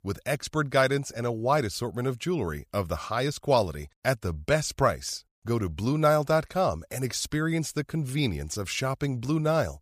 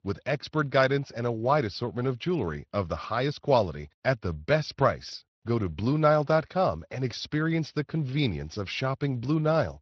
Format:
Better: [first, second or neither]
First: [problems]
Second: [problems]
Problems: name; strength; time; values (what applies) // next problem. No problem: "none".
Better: first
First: none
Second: garbled, watery; slightly